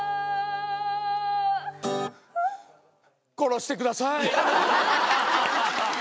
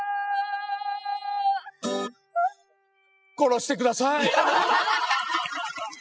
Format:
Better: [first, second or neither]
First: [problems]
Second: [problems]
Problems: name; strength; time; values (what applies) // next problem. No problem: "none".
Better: first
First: none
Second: noise reduction (classical method spectral subtraction)